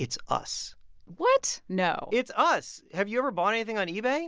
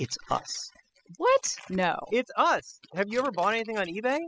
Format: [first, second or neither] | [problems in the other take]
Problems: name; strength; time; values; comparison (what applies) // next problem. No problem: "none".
first | noise reduction (classical method spectral subtraction)